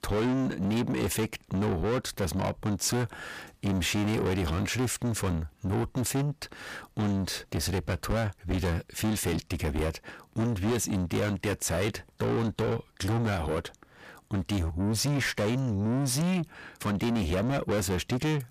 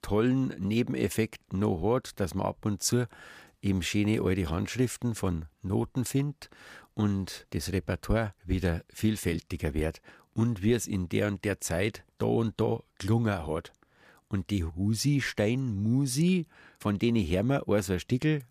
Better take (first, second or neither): second